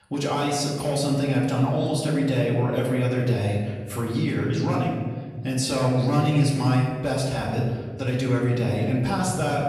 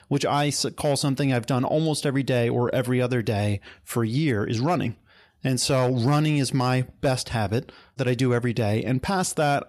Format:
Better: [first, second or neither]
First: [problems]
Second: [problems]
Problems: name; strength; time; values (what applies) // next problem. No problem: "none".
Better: second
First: off-mic speech; far // room echo; noticeable; dies away in 1.6 s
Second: none